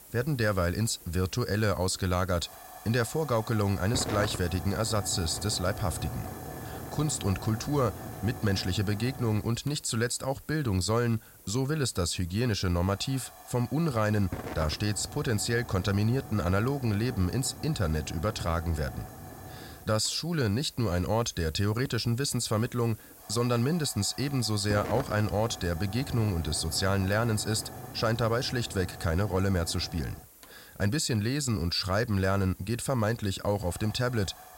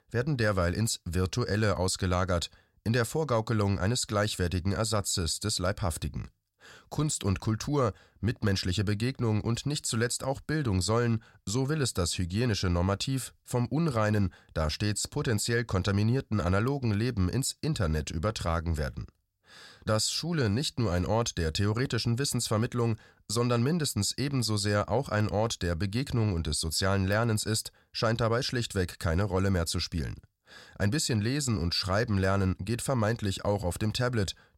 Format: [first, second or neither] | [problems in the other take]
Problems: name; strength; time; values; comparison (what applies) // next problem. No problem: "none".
second | hiss; noticeable; throughout; 15 dB below the speech